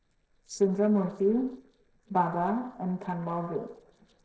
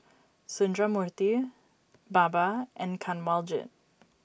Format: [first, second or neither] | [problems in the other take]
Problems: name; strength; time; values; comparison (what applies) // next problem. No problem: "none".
second | noise reduction (neural separator model SepFormer DNS4)